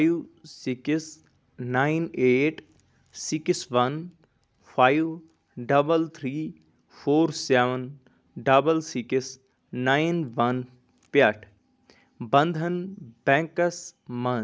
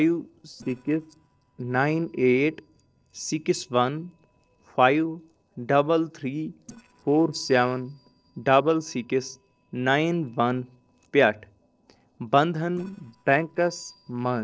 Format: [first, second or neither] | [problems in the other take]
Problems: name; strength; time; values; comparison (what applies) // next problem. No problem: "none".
first | noise reduction (neural separator model SepFormer DNS4)